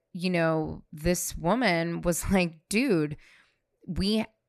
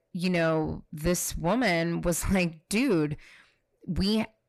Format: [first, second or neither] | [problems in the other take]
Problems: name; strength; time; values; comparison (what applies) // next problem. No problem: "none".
first | distortion; slight; 10 dB below the speech